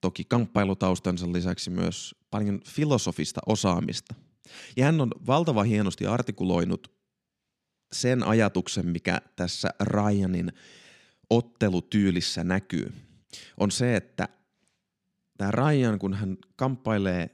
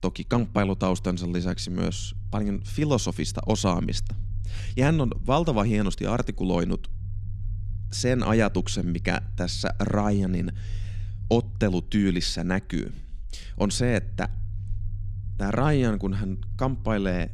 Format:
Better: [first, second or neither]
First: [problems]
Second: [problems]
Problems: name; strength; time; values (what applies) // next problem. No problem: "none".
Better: first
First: none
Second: low rumble; faint; throughout; 25 dB below the speech